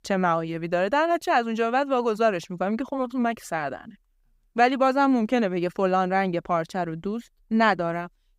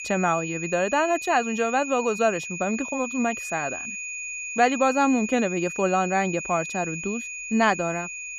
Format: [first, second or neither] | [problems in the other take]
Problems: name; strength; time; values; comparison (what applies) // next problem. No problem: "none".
first | high-pitched whine; loud; throughout; 2.5 kHz, 7 dB below the speech